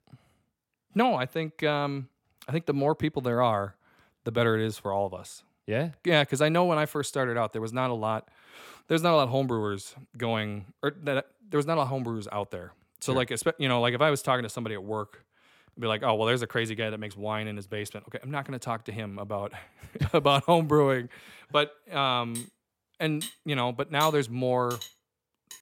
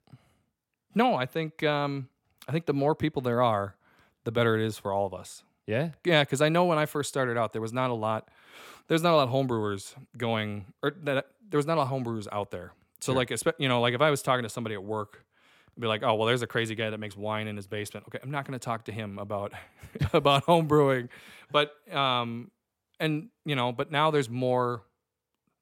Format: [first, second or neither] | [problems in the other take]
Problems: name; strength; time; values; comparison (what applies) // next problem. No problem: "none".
second | clattering dishes; noticeable; from 22 s on; peak 9 dB below the speech